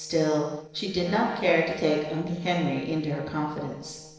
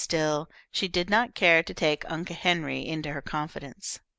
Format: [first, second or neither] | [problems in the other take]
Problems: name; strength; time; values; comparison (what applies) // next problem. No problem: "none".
second | noise reduction (neural separator model SepFormer DNS4)